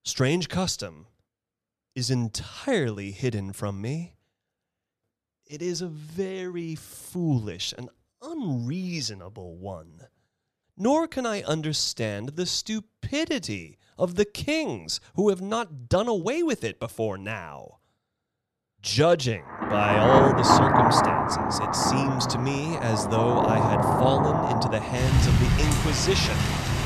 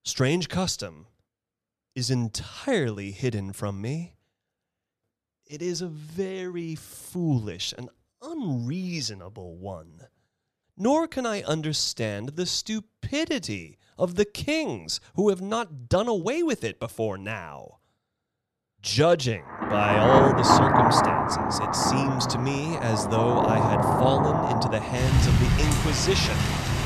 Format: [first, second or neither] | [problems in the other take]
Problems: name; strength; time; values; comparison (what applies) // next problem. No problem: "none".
neither | rain or running water; very loud; from 20 s on; 4 dB above the speech; the same in both